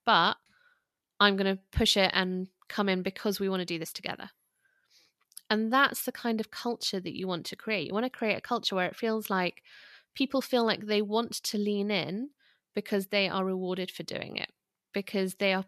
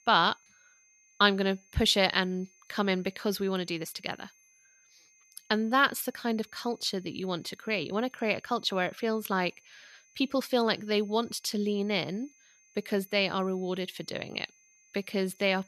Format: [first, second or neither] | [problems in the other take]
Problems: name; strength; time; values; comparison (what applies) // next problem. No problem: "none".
first | high-pitched whine; faint; throughout; 6.5 kHz, 30 dB below the speech